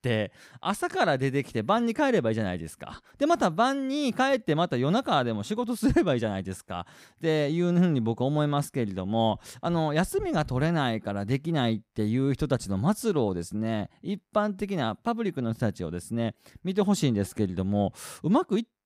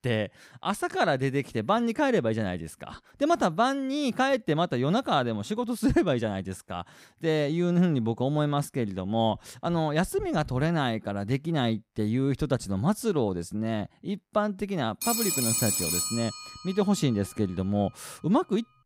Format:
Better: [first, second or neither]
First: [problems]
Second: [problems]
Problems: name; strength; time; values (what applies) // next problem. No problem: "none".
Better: first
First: none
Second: phone ringing; loud; from 15 to 17 s; peak 3 dB above the speech